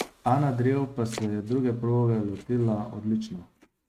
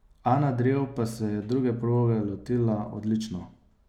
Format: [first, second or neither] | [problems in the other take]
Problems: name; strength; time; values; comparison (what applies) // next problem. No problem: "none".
second | noise reduction (neural mask model RNNoise)